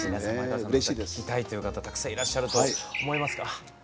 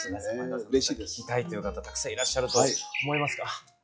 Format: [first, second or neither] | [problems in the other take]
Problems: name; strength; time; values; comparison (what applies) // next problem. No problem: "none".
first | noise reduction (classical method log-MMSE)